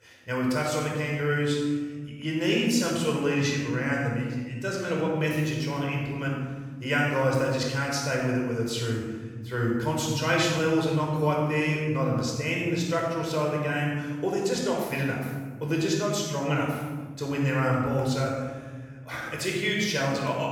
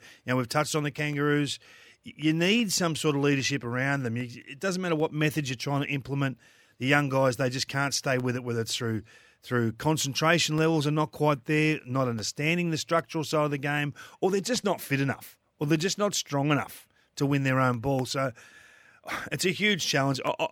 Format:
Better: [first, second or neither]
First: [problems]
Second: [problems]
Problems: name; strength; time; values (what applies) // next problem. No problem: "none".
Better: second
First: off-mic speech; far // room echo; strong; dies away in 1.4 s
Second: none